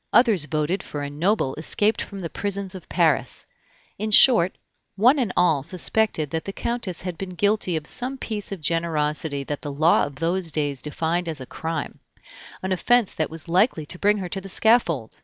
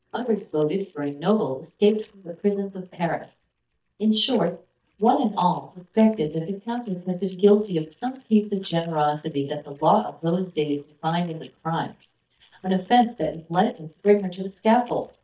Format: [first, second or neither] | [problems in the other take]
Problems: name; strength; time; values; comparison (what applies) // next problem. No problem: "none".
first | noise reduction (neural mask model DeepFilterNet 3)